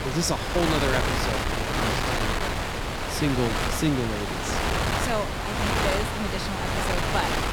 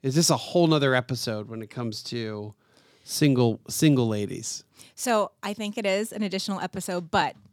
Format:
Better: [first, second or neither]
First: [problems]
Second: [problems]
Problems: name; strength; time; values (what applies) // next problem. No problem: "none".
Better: second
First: wind noise on the microphone; heavy; 4 dB above the speech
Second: none